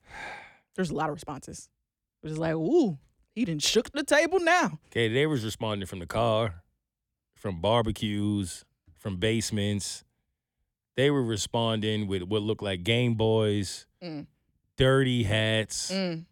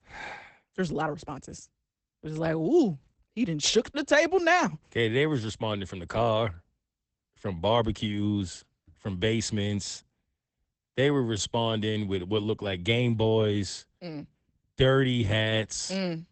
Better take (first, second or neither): first